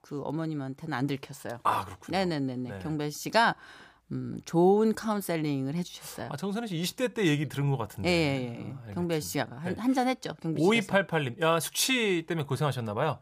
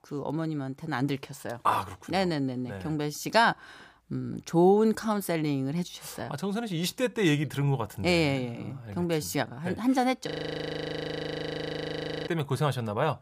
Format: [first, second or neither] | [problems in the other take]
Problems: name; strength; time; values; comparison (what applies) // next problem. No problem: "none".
first | audio freezing; at 10 s for 2 s